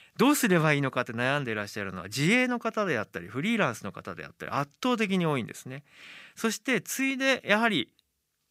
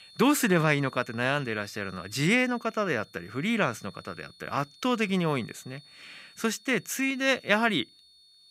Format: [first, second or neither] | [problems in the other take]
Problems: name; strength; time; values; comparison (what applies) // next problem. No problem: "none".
first | high-pitched whine; faint; throughout; 4.5 kHz, 25 dB below the speech